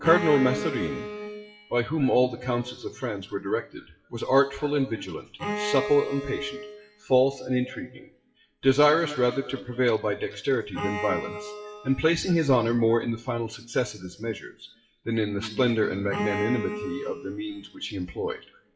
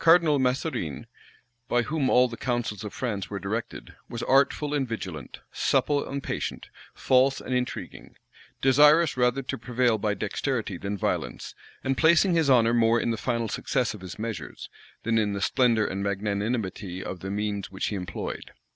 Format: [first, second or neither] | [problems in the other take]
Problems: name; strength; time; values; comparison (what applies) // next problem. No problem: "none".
second | noise reduction (classical method WPE with log-MMSE)